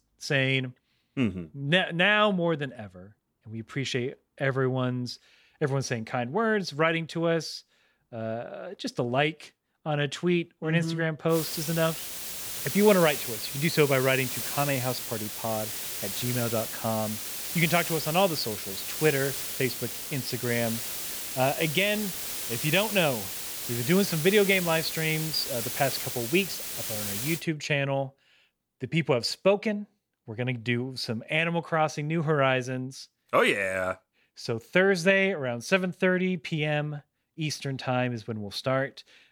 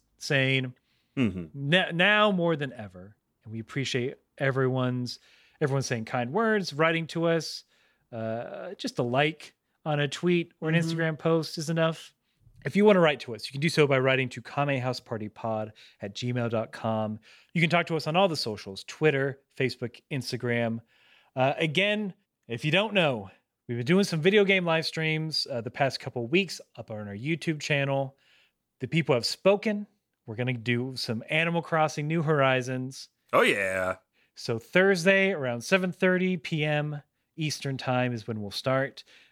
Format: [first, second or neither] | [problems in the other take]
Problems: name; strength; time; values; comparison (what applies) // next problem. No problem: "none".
second | hiss; loud; from 11 to 27 s; 4 dB below the speech